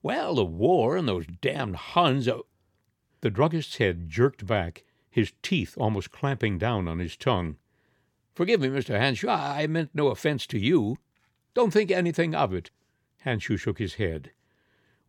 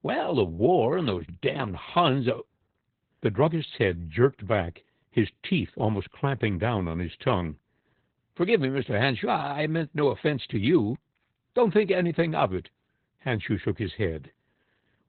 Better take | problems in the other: first | garbled, watery; badly; nothing above 4 kHz

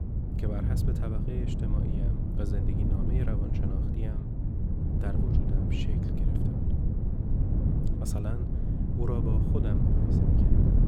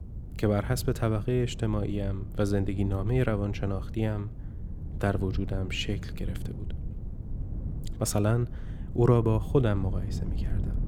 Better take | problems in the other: second | wind noise on the microphone; heavy; 3 dB above the speech; occasional gusts in the second

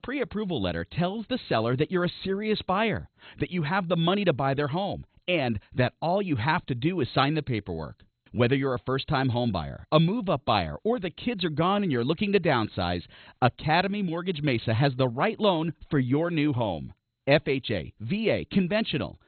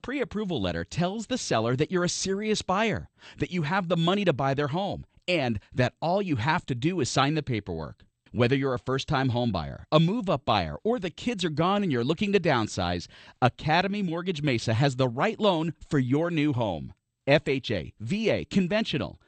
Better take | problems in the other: second | garbled, watery; badly; nothing above 4 kHz; slightly in the second

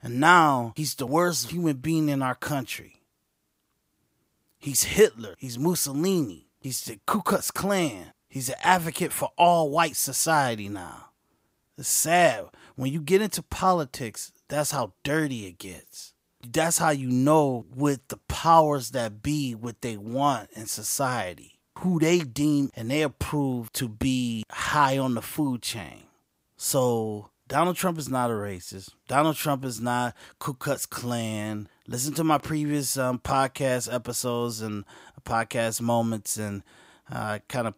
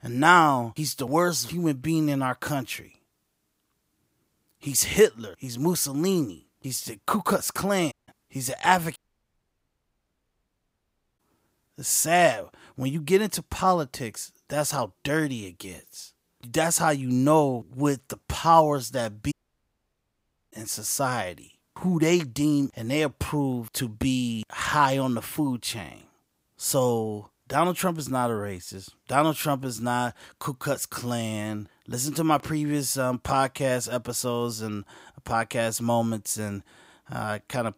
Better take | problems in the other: first | audio cutting out; at 8 s, at 9 s for 2 s and at 19 s for 1 s

